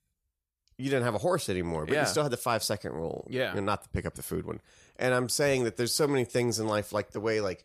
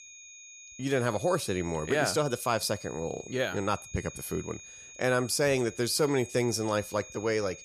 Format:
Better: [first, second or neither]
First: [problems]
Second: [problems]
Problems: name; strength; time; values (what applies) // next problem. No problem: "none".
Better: first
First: none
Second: high-pitched whine; noticeable; throughout; 6.5 kHz, 15 dB below the speech